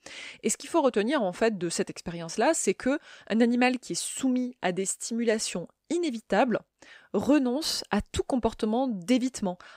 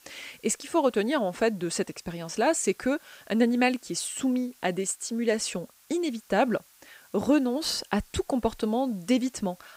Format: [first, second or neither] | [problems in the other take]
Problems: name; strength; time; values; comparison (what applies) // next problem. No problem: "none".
first | hiss; faint; throughout; 25 dB below the speech